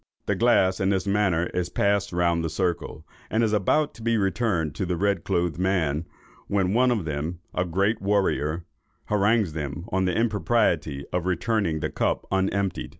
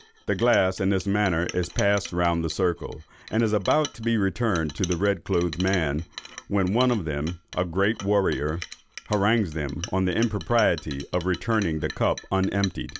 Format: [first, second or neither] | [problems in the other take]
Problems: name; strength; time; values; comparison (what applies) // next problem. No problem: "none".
first | background sound (Chink, clink); 17 dB below the speech